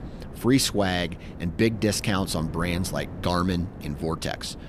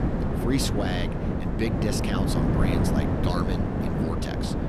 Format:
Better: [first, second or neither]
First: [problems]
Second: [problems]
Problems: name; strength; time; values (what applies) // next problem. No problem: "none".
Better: first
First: wind noise on the microphone; occasional gusts; 15 dB below the speech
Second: wind noise on the microphone; heavy; 1 dB above the speech